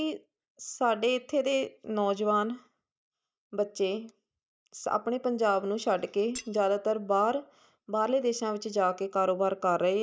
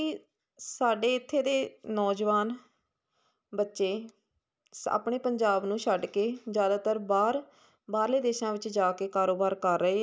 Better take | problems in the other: second | noise reduction (neural mask model DeepFilterNet 3)

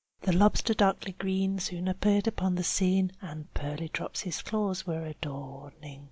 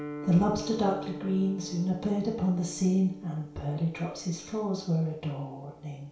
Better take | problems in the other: first | background sound (Guitar); 14 dB below the speech // room echo; dies away in 0.6 s

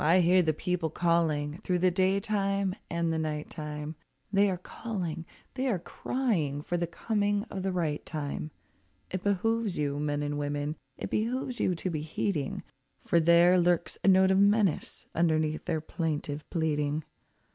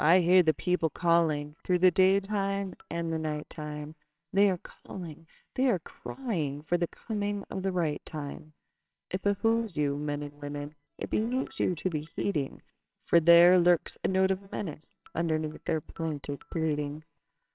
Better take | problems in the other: first | noise reduction (neural separator model SepFormer WHAMR!)

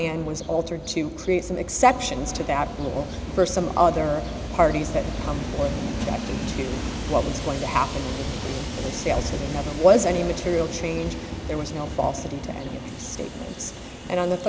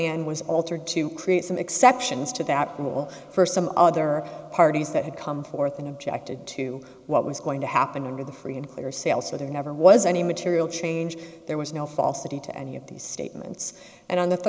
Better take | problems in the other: second | background sound (Train); 6 dB below the speech

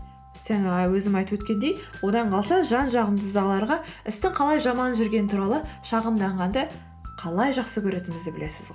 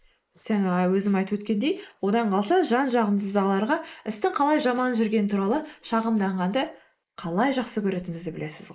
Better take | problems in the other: first | noise reduction (neural mask model Resemble Enhance denoiser)

